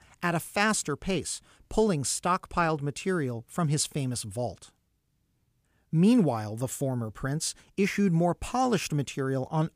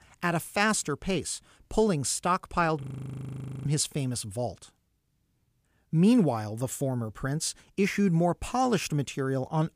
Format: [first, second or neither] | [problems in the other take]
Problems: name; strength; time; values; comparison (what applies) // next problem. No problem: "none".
first | audio freezing; at 3 s for 1 s